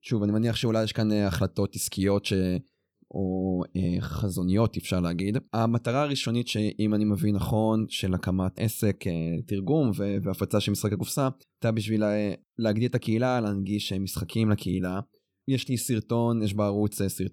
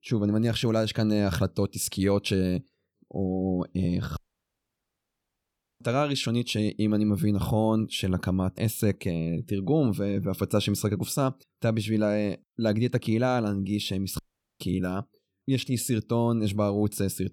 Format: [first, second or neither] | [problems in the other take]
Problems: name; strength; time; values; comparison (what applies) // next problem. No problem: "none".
first | audio cutting out; at 4 s for 1.5 s and at 14 s